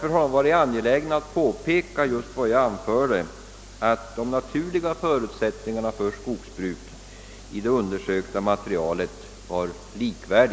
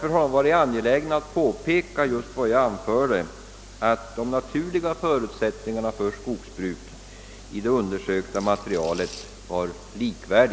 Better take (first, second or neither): first